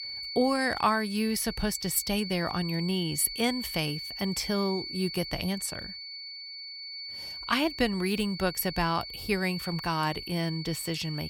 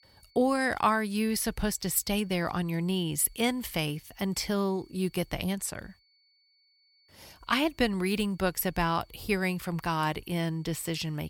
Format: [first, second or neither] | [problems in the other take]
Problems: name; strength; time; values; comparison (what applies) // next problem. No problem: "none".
second | high-pitched whine; loud; throughout; 4.5 kHz, 8 dB below the speech; faint in the second